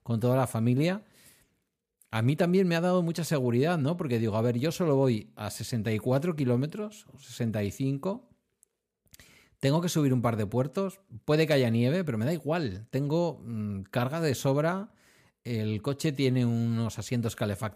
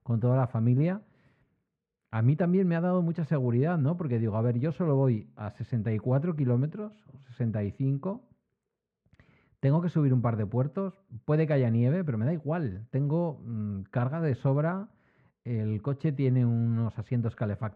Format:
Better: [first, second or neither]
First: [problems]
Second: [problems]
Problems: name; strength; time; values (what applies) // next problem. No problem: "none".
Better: first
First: none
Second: muffled; very; fading above 1.5 kHz